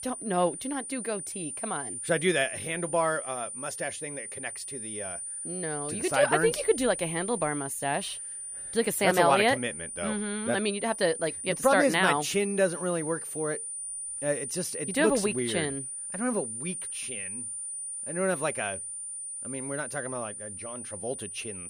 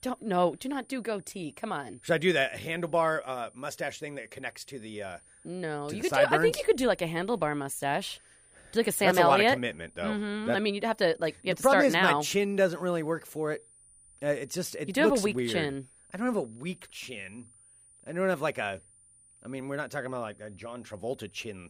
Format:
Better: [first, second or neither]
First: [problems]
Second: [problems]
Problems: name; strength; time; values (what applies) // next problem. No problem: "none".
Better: second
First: high-pitched whine; loud; throughout; 9.5 kHz, 6 dB below the speech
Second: high-pitched whine; faint; throughout; 9.5 kHz, 30 dB below the speech